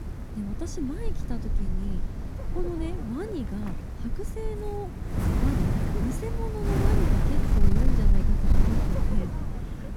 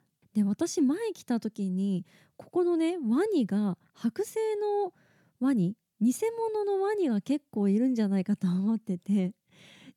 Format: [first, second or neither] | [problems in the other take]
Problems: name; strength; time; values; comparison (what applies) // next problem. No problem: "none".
second | wind noise on the microphone; heavy; 1 dB above the speech